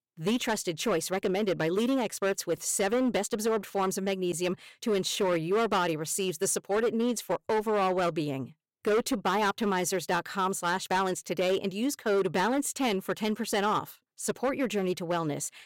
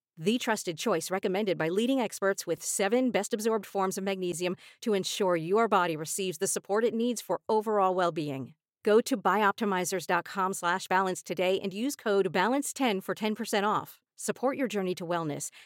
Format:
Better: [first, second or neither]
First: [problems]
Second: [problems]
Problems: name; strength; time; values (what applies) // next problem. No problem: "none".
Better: second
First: distortion; slight; 10% of the sound clipped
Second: none